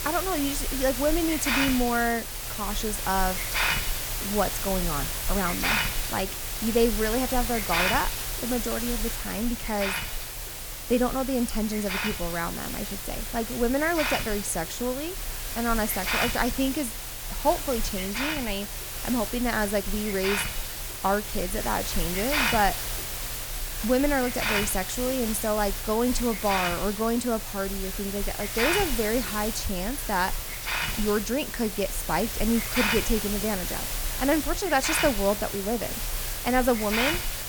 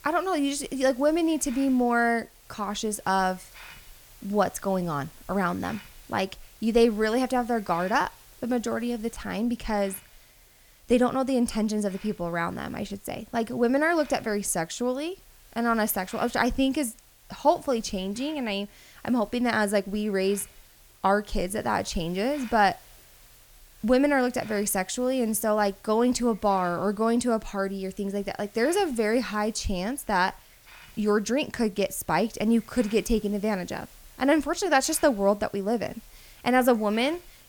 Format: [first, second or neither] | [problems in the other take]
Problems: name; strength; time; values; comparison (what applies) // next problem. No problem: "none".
second | hiss; loud; throughout; 1 dB below the speech; faint in the second